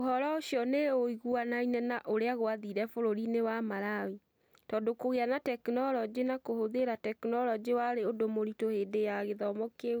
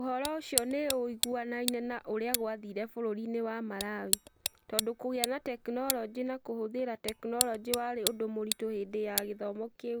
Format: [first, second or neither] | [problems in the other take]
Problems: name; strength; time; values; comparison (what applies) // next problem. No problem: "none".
first | background sound (Tick); 3 dB below the speech